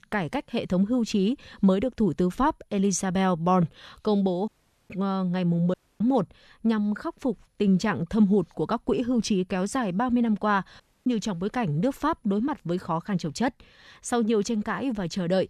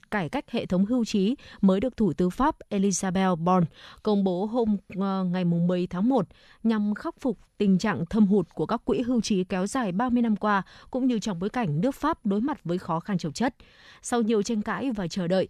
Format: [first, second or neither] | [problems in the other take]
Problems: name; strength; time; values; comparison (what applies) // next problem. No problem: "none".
second | audio cutting out; at 4.5 s, at 5.5 s and at 11 s